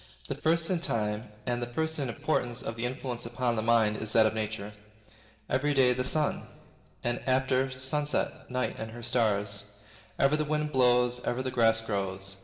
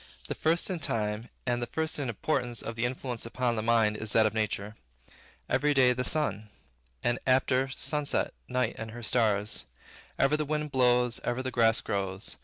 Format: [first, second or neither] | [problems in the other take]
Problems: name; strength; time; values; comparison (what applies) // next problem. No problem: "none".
second | room echo; dies away in 1.4 s